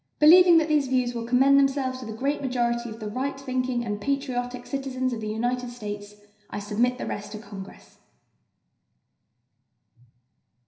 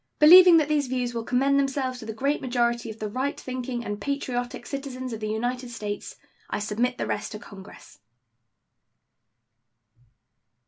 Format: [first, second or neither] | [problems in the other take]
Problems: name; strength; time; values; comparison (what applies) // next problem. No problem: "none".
second | room echo; dies away in 0.9 s